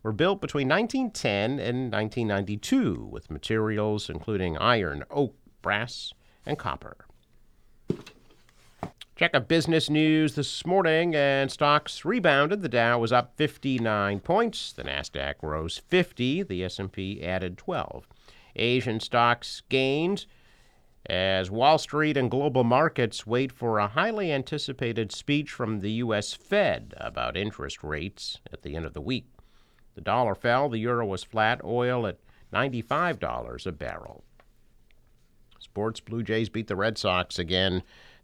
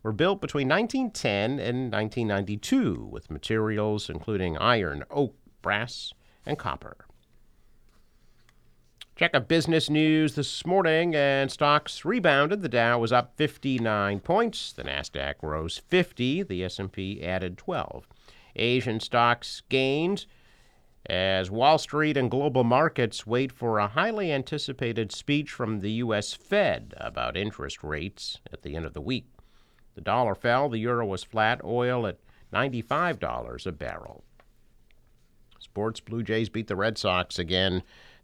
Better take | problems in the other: second | footsteps; noticeable; at 8 s; peak 9 dB below the speech

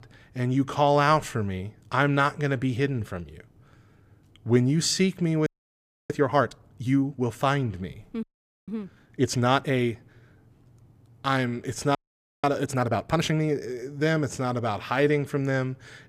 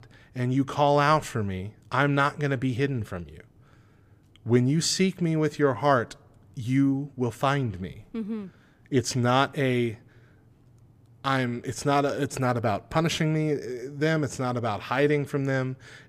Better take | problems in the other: second | audio freezing; at 5.5 s for 0.5 s, at 8 s and at 12 s

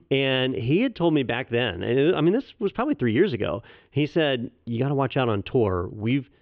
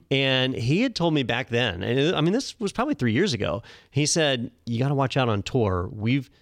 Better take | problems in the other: second | muffled; very; fading above 3 kHz

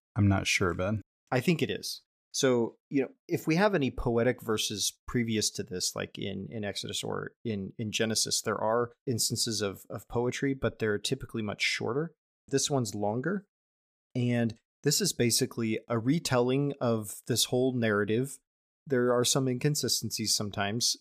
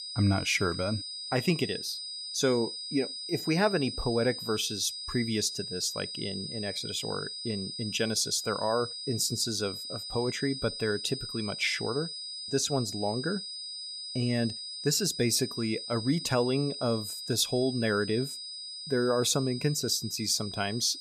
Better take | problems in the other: first | high-pitched whine; loud; throughout; 5 kHz, 7 dB below the speech

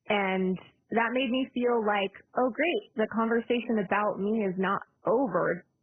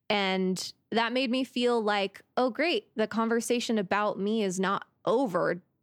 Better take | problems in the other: second | garbled, watery; badly; nothing above 3 kHz

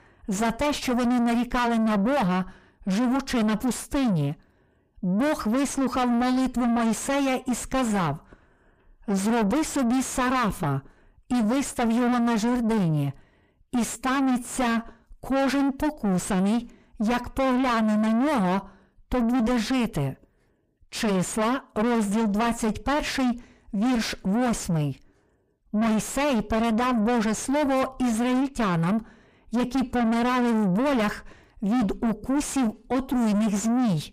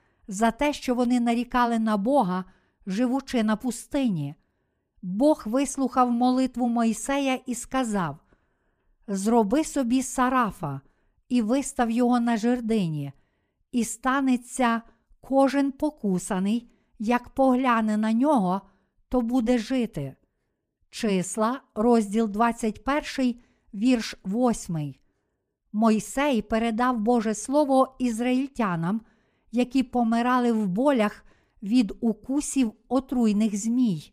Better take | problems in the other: second | distortion; heavy; 4 dB below the speech

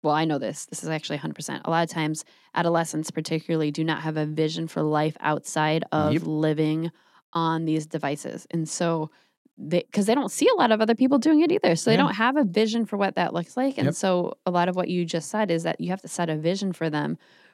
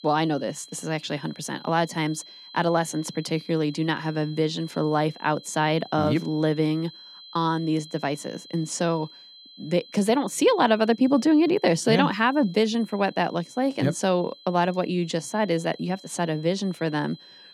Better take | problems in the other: first | high-pitched whine; faint; throughout; 4 kHz, 20 dB below the speech

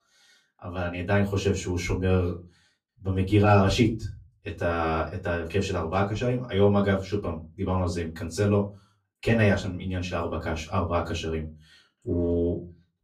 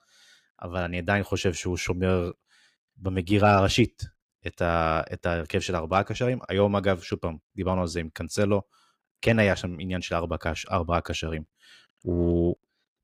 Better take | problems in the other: second | off-mic speech; far // room echo; very slight; dies away in 0.3 s

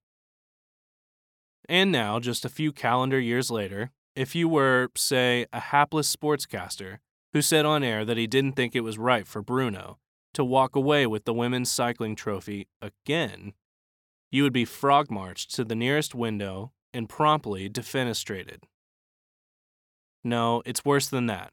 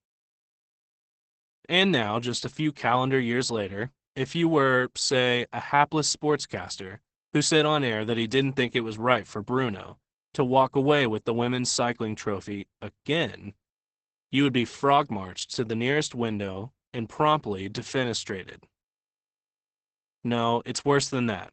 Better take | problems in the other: first | garbled, watery; badly; nothing above 8 kHz

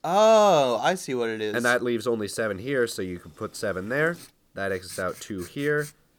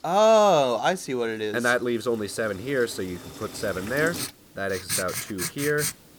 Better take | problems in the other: first | household noises; loud; throughout; 8 dB below the speech; faint in the first

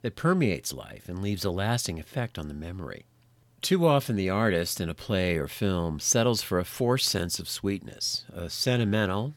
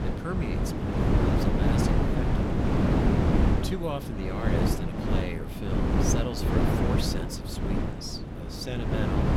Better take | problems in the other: first | wind noise on the microphone; heavy; 5 dB above the speech

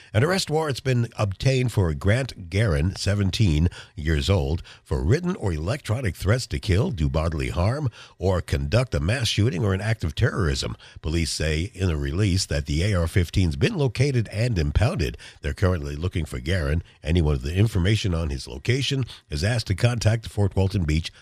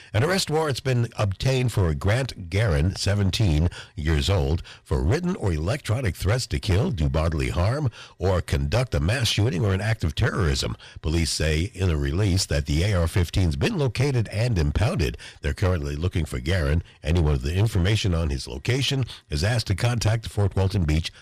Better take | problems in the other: first | distortion; slight; 11% of the sound clipped

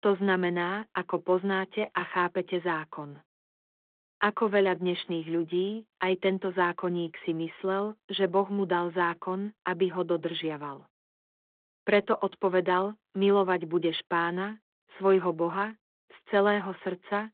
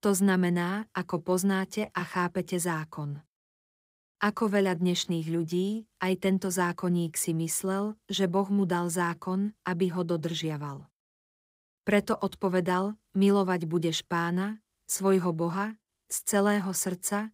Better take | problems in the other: second | phone-call audio; nothing above 3.5 kHz

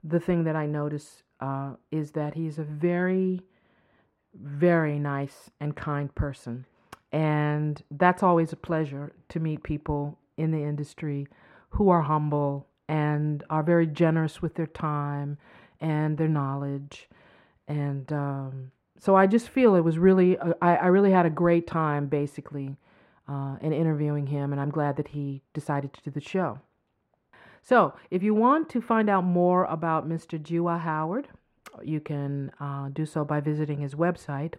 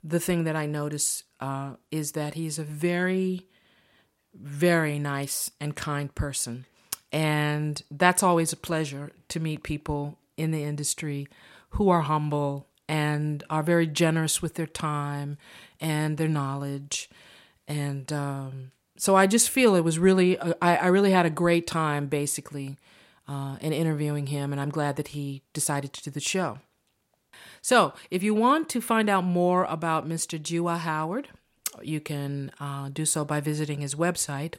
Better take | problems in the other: second | muffled; very; fading above 3.5 kHz

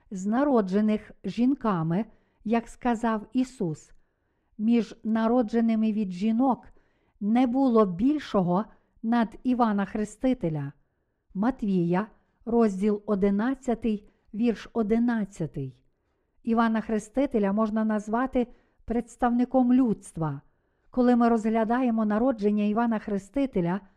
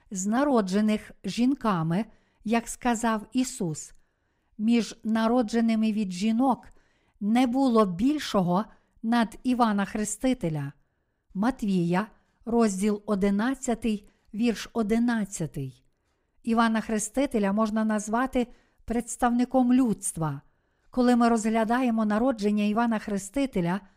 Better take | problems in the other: second | muffled; slightly; fading above 1.5 kHz

